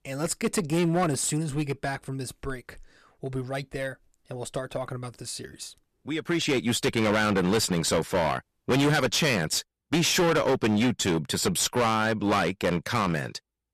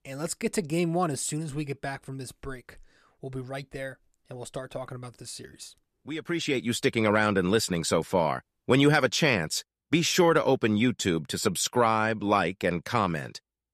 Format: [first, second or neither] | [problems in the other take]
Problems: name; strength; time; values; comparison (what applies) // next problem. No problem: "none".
second | distortion; heavy; 12% of the sound clipped